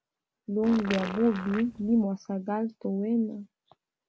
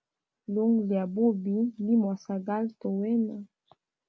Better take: second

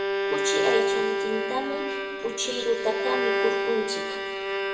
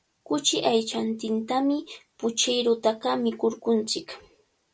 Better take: second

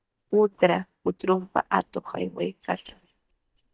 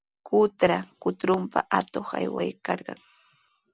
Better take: second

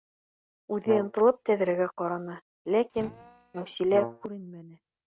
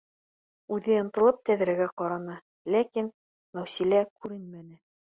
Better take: second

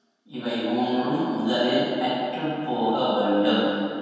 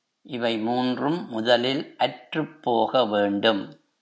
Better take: second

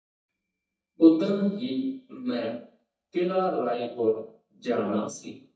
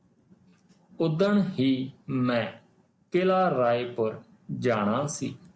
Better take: second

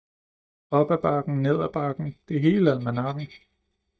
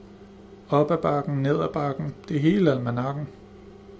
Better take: second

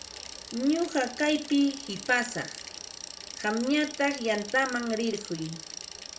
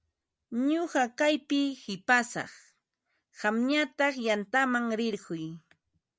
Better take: second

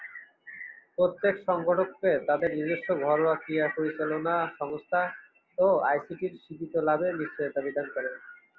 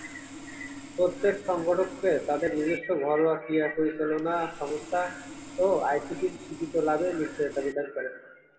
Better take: first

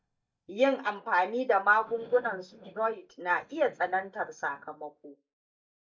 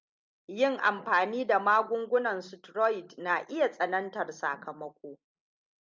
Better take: second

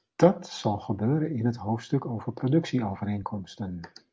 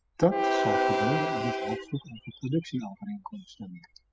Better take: first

